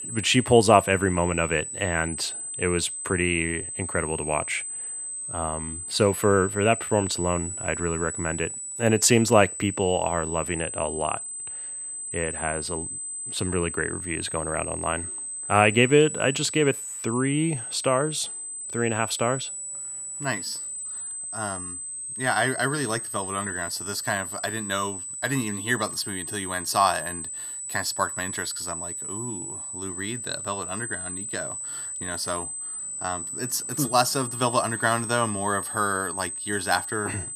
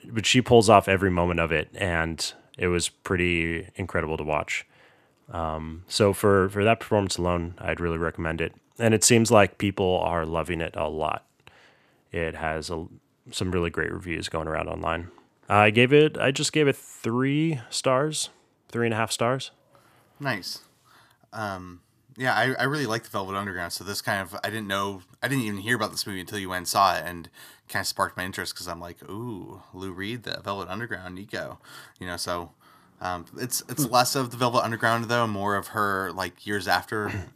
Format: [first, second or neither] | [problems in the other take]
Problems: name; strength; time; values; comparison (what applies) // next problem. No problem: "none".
second | high-pitched whine; loud; throughout; 8 kHz, 6 dB below the speech